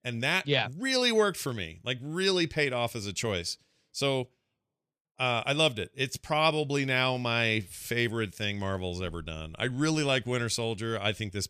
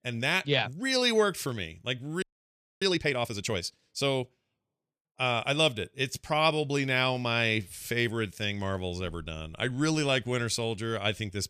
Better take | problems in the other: first | audio freezing; at 2 s for 0.5 s

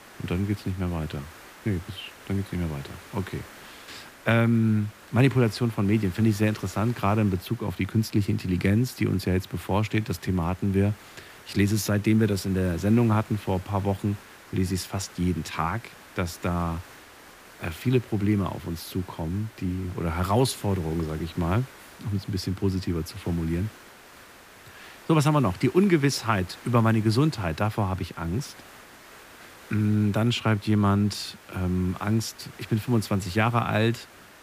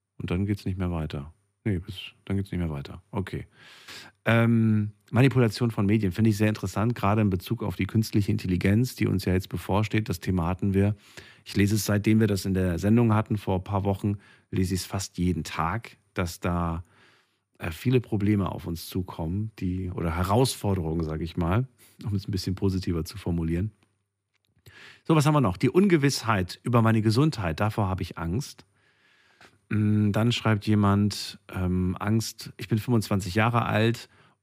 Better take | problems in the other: second | hiss; faint; throughout; 20 dB below the speech

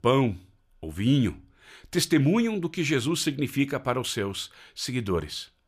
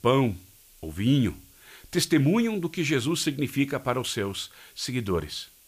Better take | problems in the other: first | hiss; faint; throughout; 25 dB below the speech

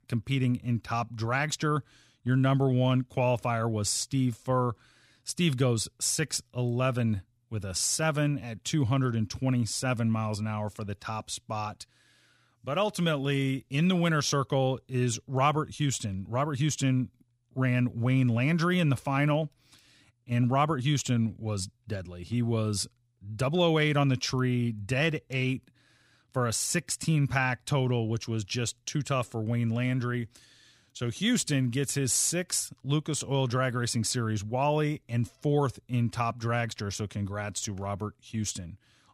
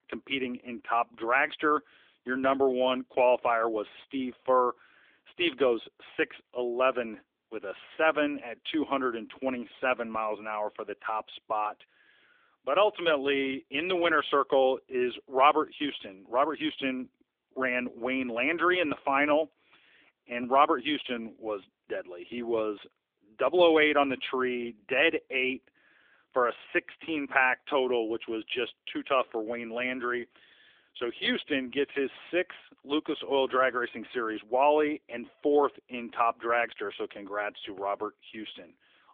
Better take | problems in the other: first | phone-call audio; nothing above 3.5 kHz

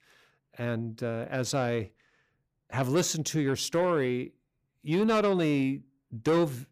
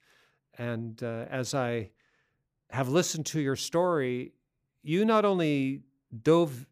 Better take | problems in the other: second | distortion; slight; 10 dB below the speech

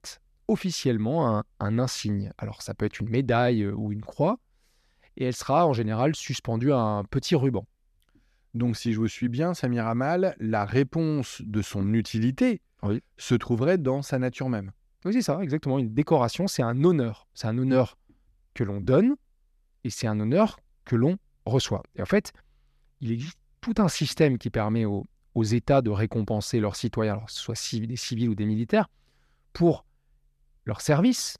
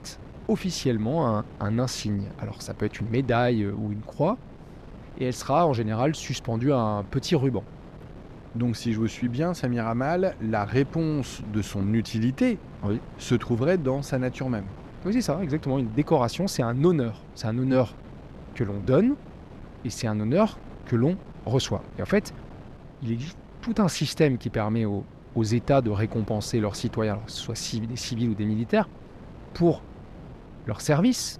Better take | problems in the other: first | wind noise on the microphone; occasional gusts; 20 dB below the speech

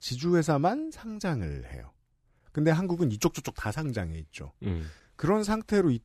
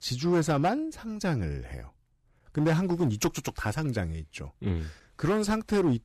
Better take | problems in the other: first | distortion; slight; 5% of the sound clipped

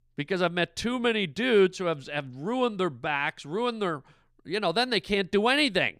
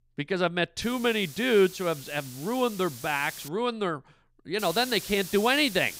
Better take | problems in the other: first | hiss; noticeable; from 1 to 3.5 s and from 4.5 s on; 15 dB below the speech

